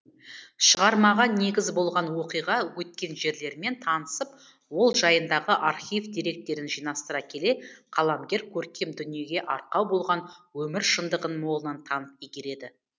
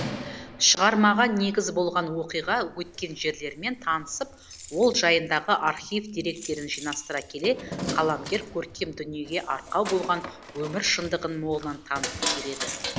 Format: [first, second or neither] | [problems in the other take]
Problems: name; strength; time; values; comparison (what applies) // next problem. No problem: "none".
first | background sound (Keys jangling); 11 dB below the speech